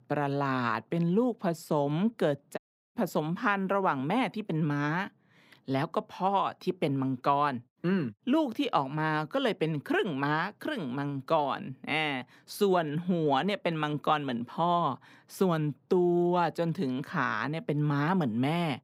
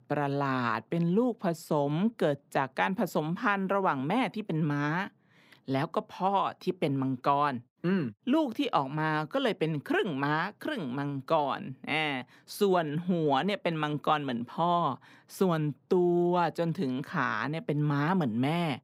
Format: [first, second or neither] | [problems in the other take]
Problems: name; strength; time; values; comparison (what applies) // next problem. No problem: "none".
second | audio cutting out; at 2.5 s